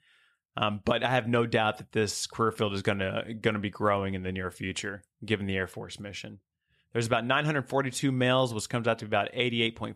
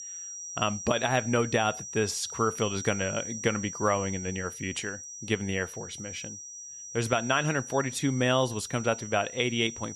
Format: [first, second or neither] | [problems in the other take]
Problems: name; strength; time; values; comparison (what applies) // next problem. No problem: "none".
first | high-pitched whine; loud; throughout; 6 kHz, 9 dB below the speech